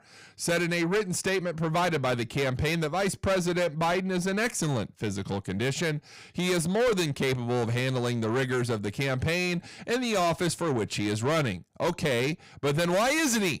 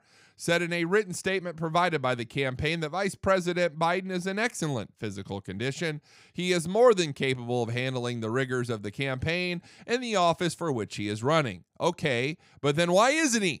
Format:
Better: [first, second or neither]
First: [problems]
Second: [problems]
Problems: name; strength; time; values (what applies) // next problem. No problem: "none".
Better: second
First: distortion; heavy; 6 dB below the speech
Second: none